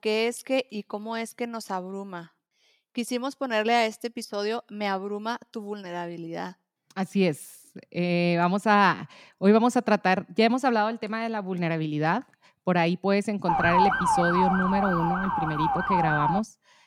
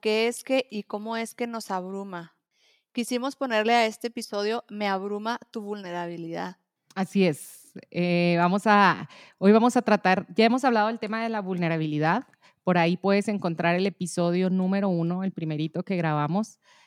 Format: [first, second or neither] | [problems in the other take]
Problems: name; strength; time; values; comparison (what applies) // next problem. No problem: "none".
second | siren; loud; from 13 s on; peak 5 dB above the speech